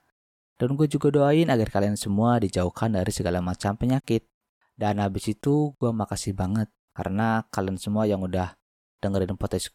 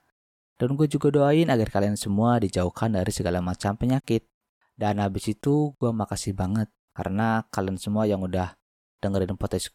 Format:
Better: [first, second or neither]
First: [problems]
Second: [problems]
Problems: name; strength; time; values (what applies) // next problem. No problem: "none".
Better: neither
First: none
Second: none